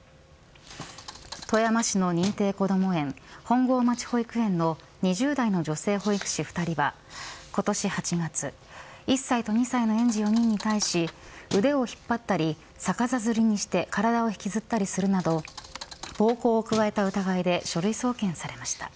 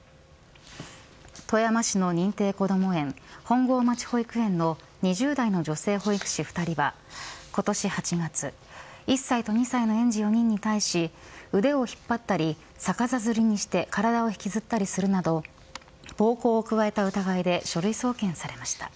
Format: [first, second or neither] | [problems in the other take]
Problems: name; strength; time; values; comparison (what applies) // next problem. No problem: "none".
second | background sound (Thump, thud); 16 dB below the speech